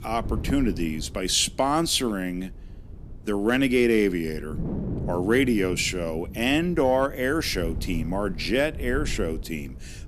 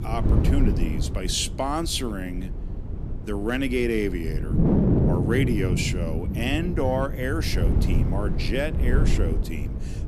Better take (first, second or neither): first